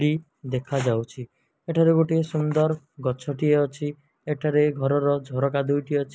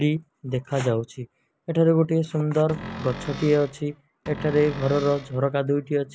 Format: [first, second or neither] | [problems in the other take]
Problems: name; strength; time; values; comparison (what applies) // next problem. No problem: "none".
first | background sound (Cupboard open or close); 13 dB below the speech